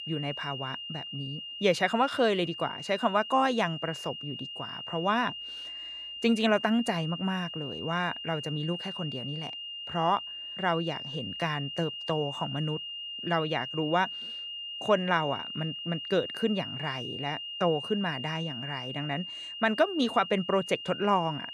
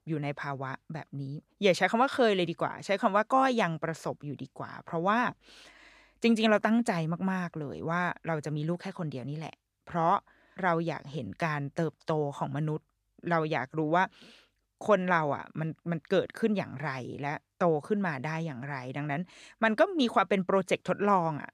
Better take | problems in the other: second | high-pitched whine; loud; throughout; 3 kHz, 7 dB below the speech

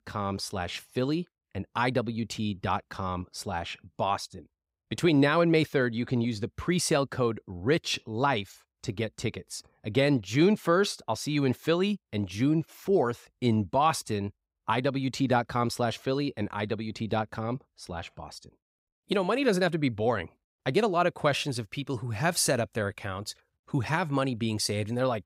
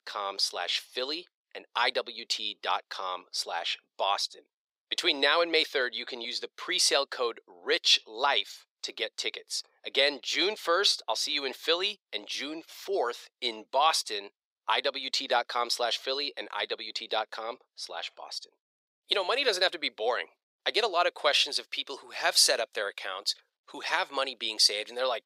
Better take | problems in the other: first | thin; very; fading below 450 Hz

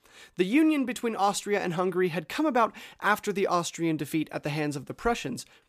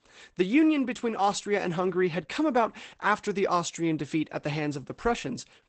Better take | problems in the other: first | garbled, watery; badly; nothing above 8 kHz

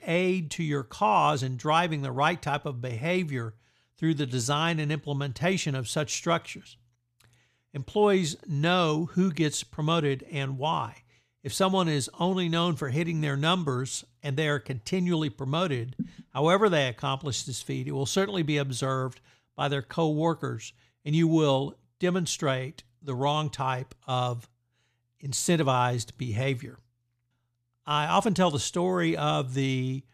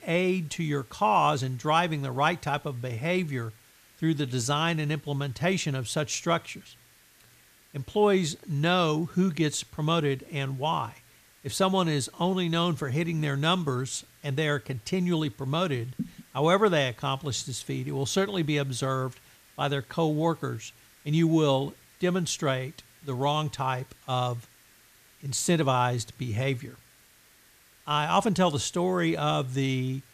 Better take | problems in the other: first | hiss; faint; throughout; 30 dB below the speech

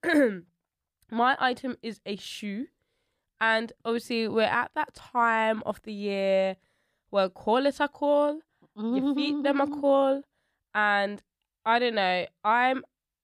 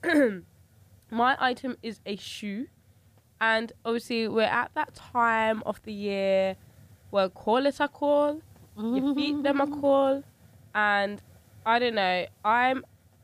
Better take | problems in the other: first | hiss; faint; throughout; 30 dB below the speech

